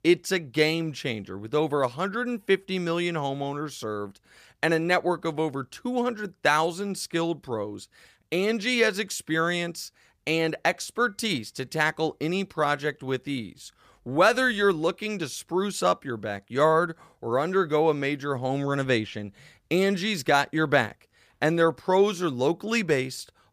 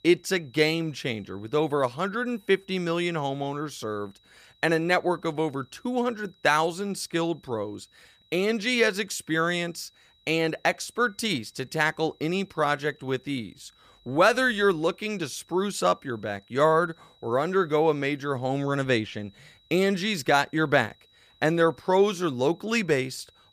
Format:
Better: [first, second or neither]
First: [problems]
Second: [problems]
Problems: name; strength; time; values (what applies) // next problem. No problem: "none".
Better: first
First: none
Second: high-pitched whine; faint; throughout; 4 kHz, 35 dB below the speech